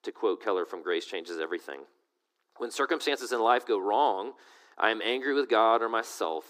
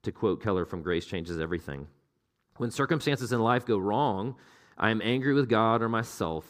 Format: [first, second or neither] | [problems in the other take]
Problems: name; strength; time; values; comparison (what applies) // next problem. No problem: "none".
second | thin; somewhat; fading below 300 Hz